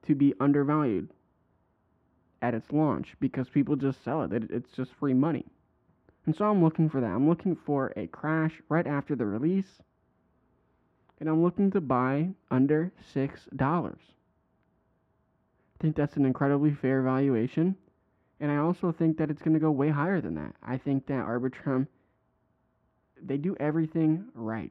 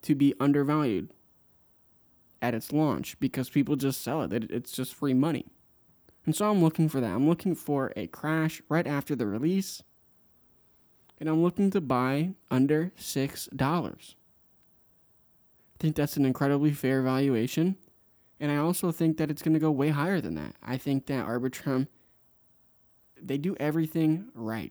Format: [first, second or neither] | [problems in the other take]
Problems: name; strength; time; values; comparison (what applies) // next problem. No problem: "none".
second | muffled; very; fading above 1.5 kHz